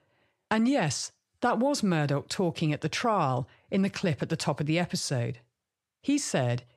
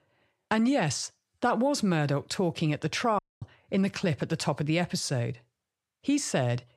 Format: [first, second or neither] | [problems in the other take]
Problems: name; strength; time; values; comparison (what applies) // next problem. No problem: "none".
first | audio cutting out; at 3 s